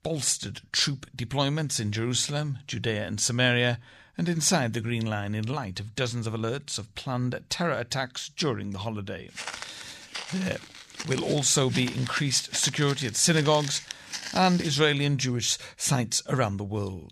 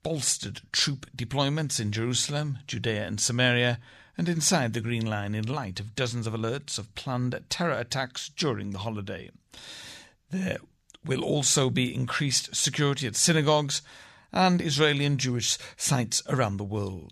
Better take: second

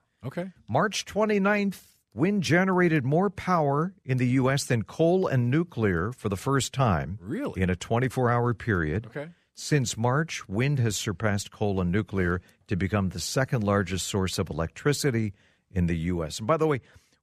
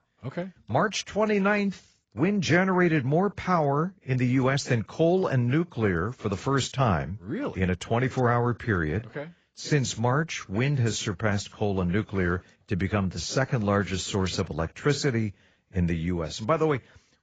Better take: first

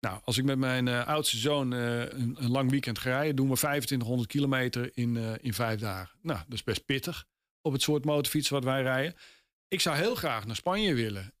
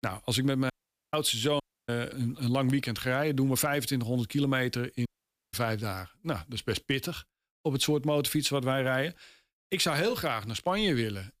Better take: first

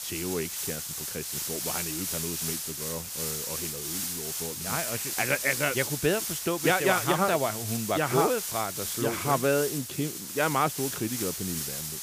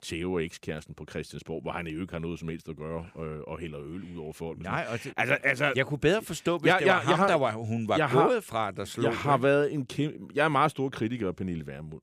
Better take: second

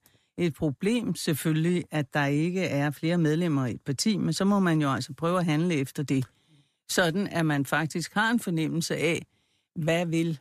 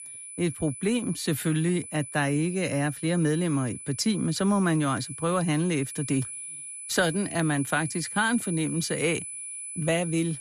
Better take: first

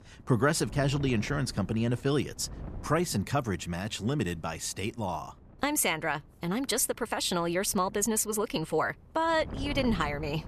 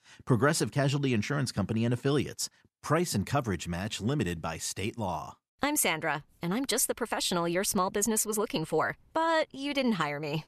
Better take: second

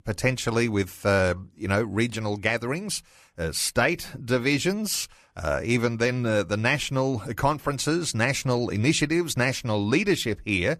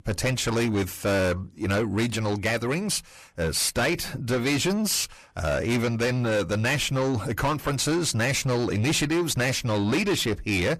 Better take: first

